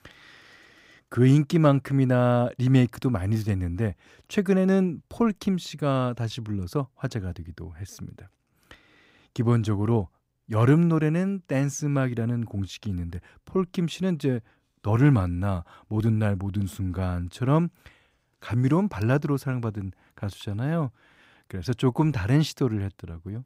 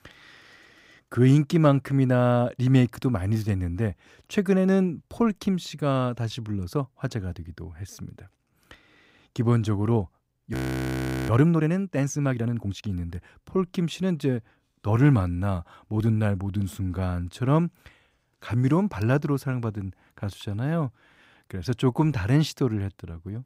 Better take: first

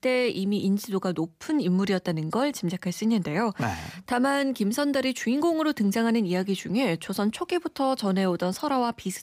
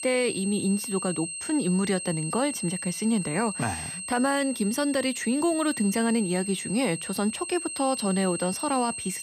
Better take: first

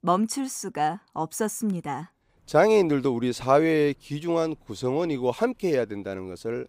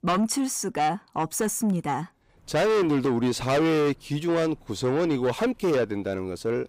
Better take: first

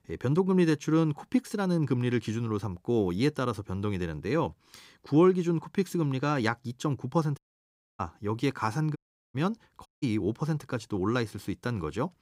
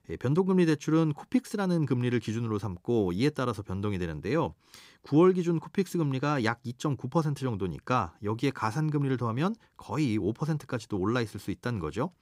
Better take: second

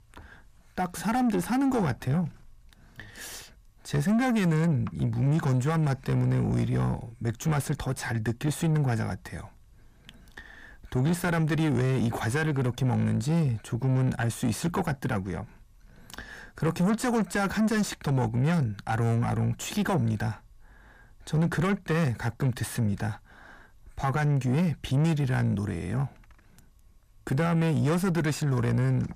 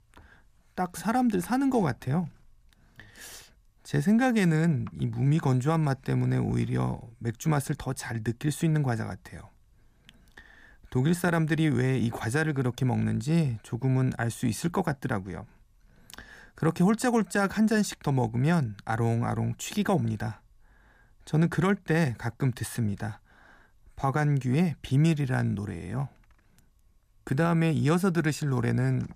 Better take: second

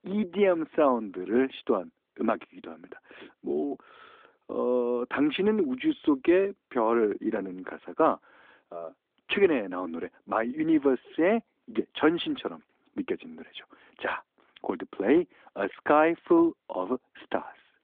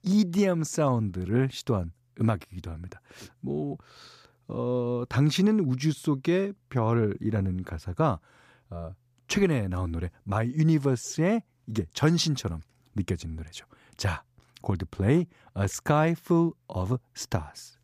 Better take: second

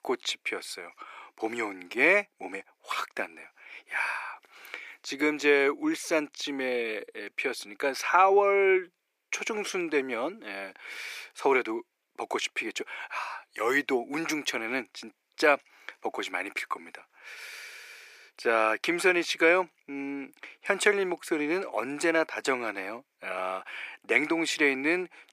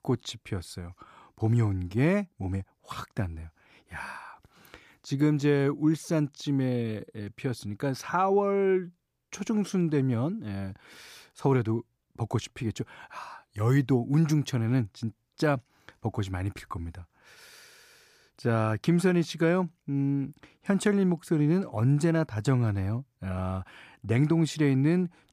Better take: second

